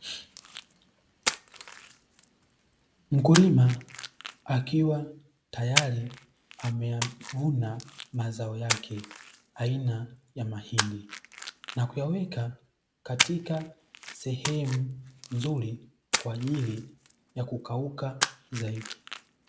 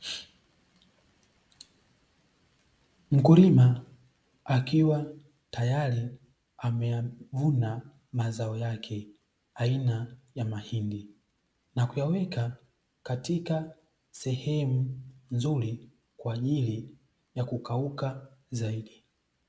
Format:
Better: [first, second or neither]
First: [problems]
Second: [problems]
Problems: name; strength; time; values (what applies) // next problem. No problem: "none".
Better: second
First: background sound (Splash, splatter); 7 dB below the speech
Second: none